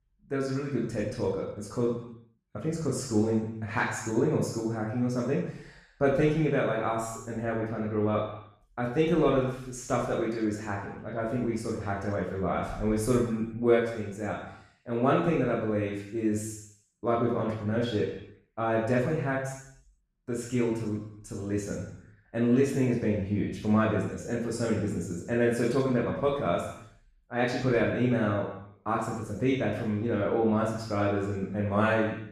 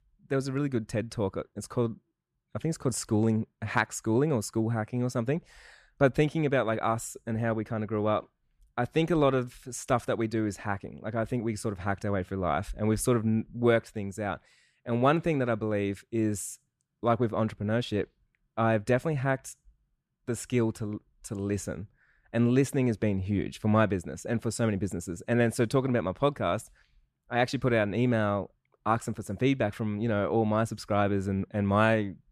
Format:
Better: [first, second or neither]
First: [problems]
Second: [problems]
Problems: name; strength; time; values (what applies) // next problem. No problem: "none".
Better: second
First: room echo; noticeable; dies away in 0.7 s // off-mic speech; far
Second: none